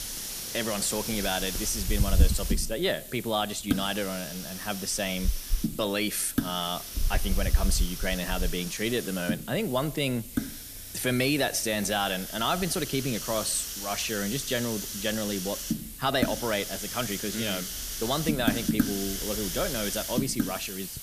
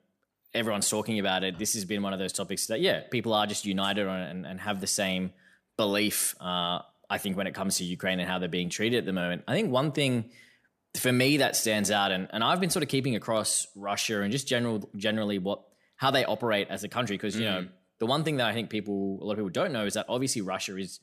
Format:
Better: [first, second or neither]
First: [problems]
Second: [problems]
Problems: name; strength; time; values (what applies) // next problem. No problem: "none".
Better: second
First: hiss; loud; throughout; 2 dB below the speech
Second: none